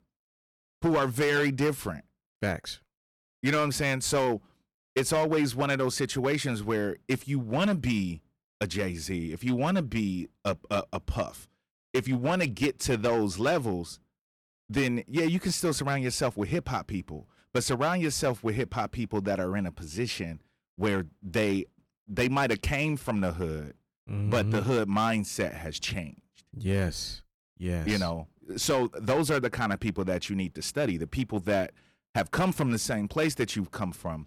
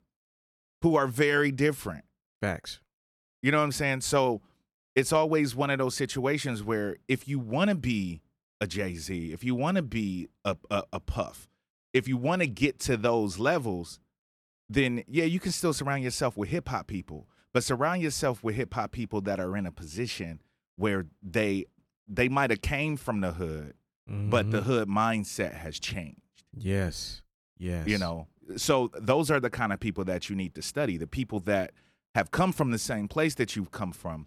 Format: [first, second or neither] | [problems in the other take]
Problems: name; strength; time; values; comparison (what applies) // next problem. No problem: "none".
second | distortion; slight; 5% of the sound clipped